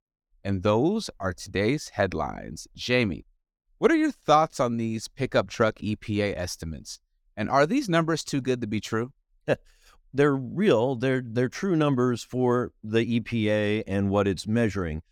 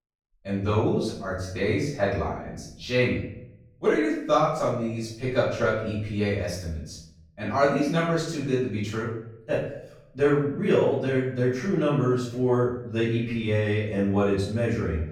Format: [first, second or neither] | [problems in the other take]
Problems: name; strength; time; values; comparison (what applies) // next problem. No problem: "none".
first | off-mic speech; far // room echo; noticeable; dies away in 0.6 s